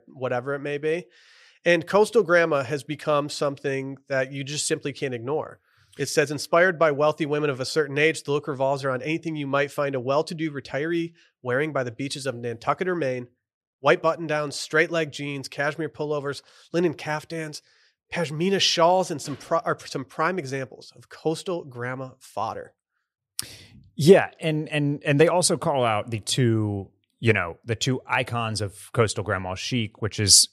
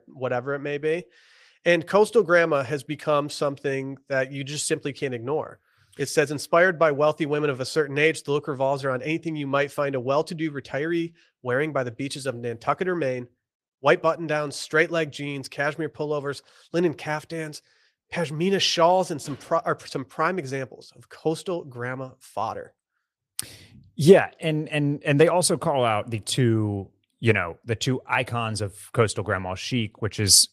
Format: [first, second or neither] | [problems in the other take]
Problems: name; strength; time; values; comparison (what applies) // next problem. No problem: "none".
first | garbled, watery; slightly